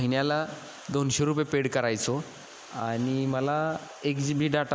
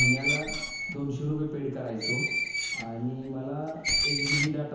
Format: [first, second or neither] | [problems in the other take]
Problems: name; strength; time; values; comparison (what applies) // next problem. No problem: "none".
first | background sound (Screech); 1 dB above the speech // room echo; dies away in 1 s